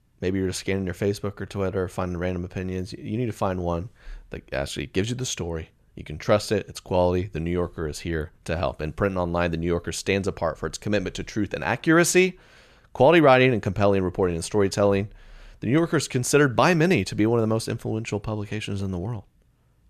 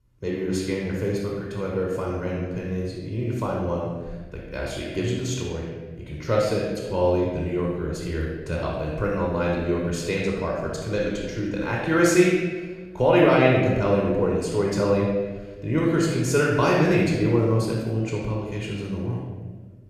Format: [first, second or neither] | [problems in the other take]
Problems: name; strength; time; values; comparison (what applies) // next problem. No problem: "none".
first | room echo; noticeable; dies away in 1.3 s // off-mic speech; far